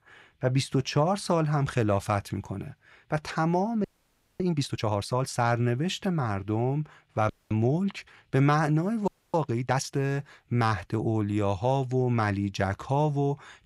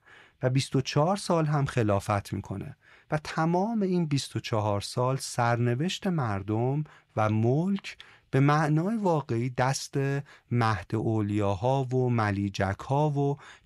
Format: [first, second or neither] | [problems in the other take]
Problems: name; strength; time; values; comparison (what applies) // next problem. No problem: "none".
second | audio freezing; at 4 s for 0.5 s, at 7.5 s and at 9 s